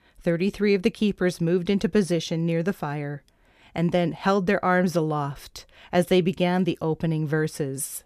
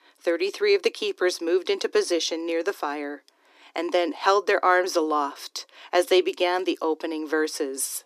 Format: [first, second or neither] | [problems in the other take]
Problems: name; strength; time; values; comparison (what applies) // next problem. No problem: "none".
first | thin; very; fading below 300 Hz